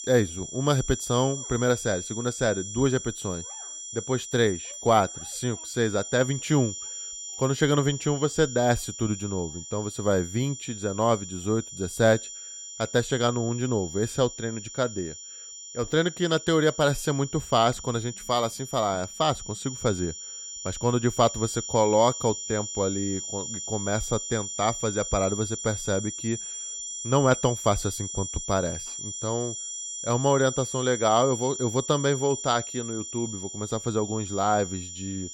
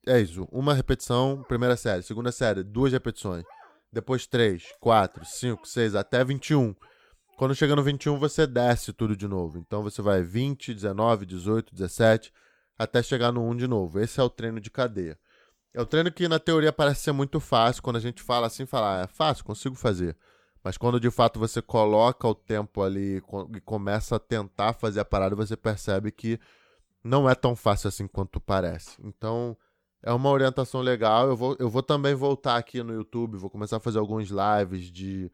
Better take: second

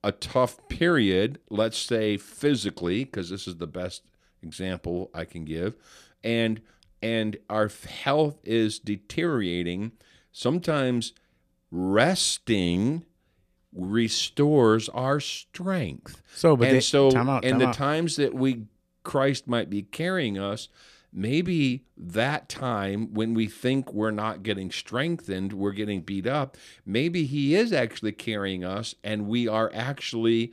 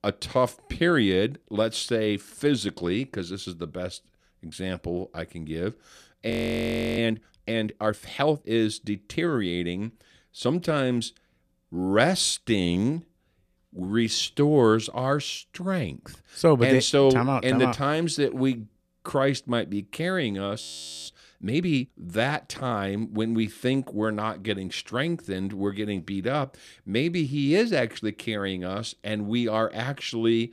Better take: first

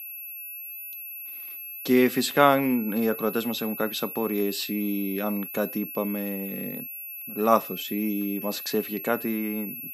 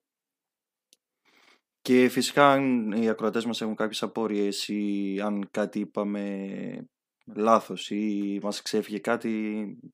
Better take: second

